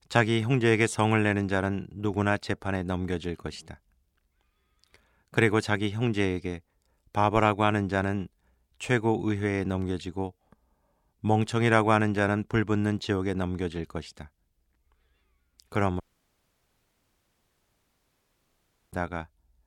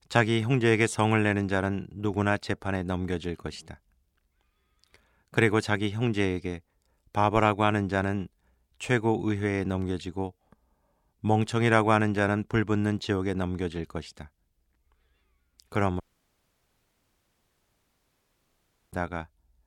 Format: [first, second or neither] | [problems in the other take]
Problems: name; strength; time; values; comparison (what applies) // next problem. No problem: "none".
neither | audio cutting out; at 16 s for 3 s; the same in both